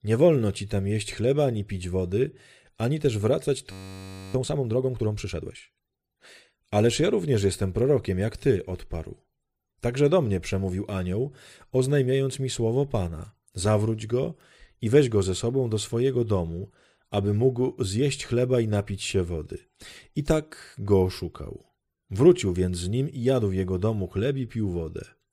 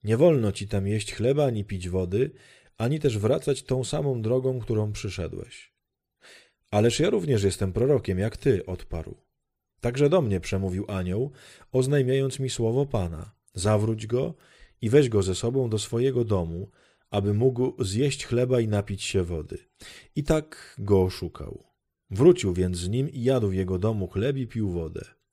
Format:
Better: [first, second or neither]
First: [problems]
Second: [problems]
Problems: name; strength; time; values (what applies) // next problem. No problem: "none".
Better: second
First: audio freezing; at 3.5 s for 0.5 s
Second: none